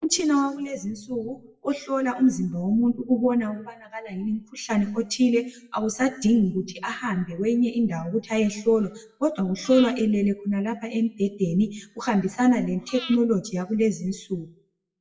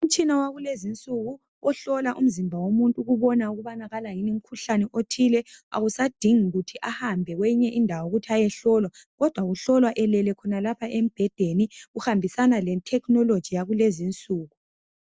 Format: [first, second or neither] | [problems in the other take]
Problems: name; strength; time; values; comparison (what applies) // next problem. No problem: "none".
second | noise reduction (classical method WPE with log-MMSE)